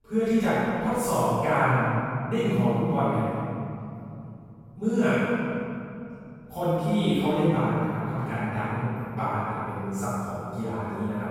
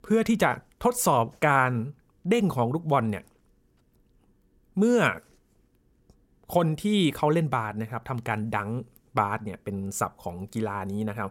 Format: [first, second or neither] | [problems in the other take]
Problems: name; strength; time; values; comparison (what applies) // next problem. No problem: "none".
second | room echo; strong; dies away in 2.7 s // off-mic speech; far